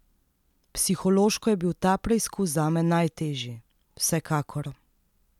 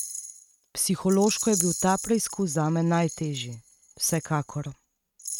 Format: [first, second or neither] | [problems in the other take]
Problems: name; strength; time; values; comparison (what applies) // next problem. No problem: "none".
first | noise reduction (neural mask model RNNoise)